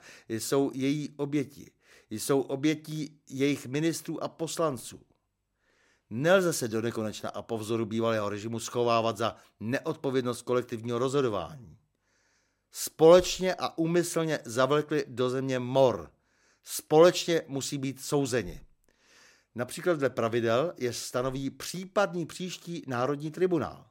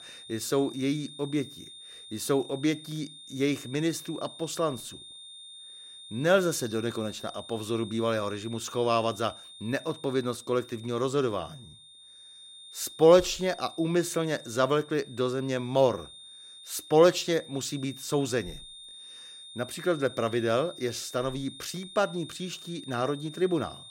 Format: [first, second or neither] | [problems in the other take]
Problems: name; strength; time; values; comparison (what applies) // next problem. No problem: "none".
first | high-pitched whine; noticeable; throughout; 3.5 kHz, 15 dB below the speech